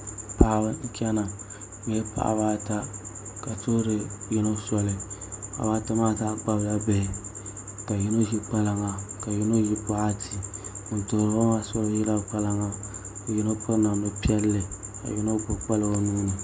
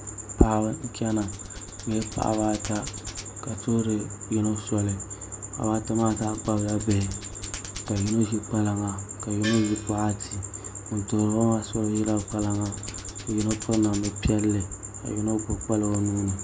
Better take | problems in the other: first | background sound (Hands + Gong); 15 dB below the speech

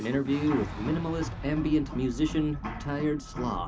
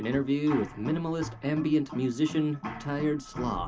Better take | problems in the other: second | background sound (Boom); 10 dB below the speech

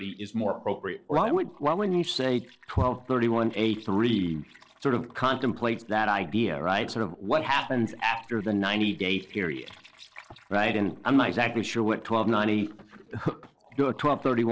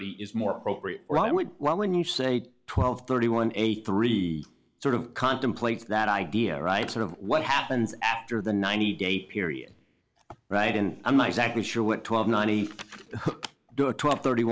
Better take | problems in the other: second | noise reduction (neural separator model SepFormer DNS4)

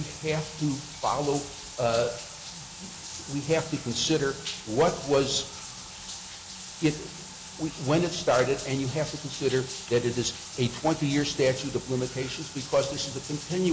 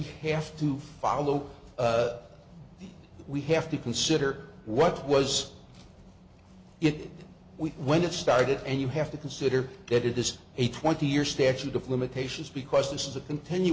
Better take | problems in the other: second | background sound (Bathtub (filling or washing)); 12 dB below the speech

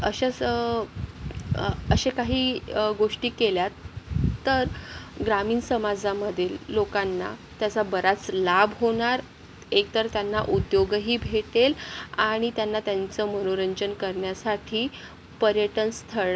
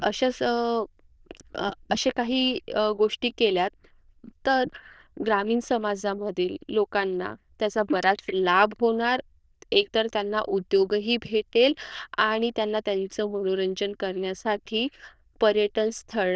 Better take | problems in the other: first | noise reduction (neural diffusion model UNIVERSE++)

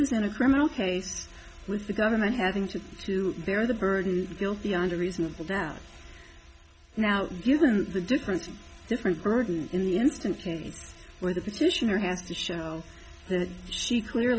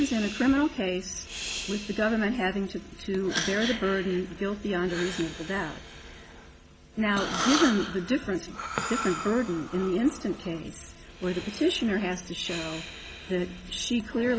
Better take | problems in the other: first | background sound (Breathing); 9 dB below the speech

